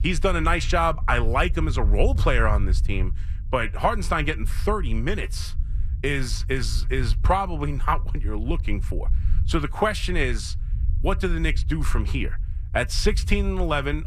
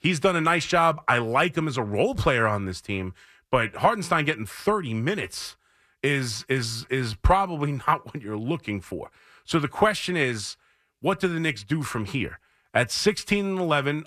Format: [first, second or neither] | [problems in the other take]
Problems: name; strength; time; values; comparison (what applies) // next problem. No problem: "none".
second | low rumble; faint; throughout; 20 dB below the speech